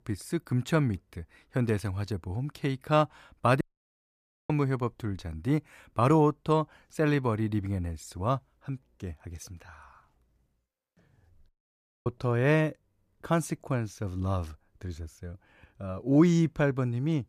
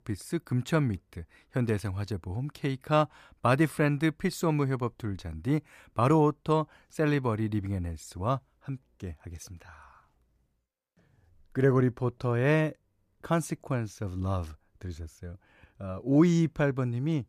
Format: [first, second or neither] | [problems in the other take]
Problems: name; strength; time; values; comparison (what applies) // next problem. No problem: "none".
second | audio cutting out; at 3.5 s for 1 s and at 11 s for 0.5 s